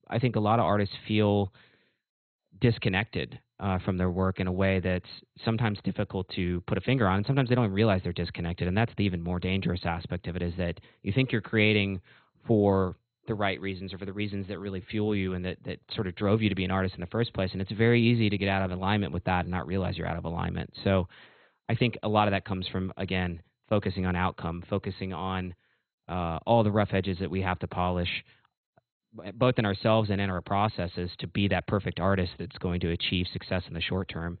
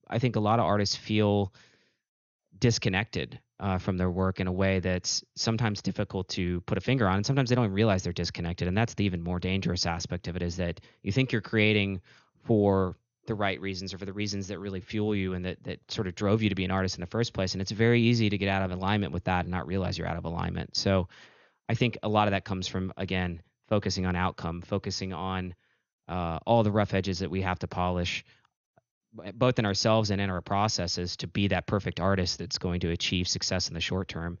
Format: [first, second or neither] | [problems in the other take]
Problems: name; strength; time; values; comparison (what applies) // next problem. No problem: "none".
second | garbled, watery; badly; nothing above 4 kHz; slightly in the second